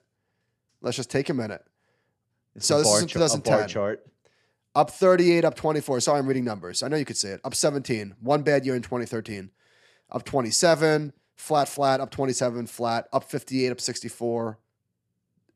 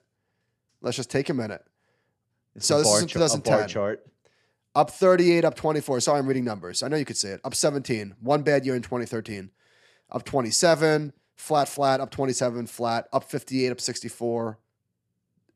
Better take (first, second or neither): neither